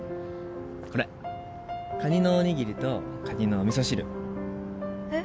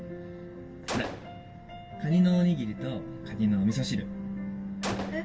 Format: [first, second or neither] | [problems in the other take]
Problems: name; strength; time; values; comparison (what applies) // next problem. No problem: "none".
first | background sound (Gunshot, gunfire); 13 dB below the speech // room echo; dies away in 0.1 s